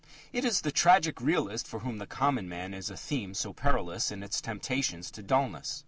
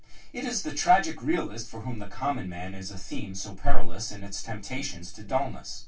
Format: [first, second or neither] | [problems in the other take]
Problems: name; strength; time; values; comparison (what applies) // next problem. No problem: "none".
first | room echo; dies away in 0.2 s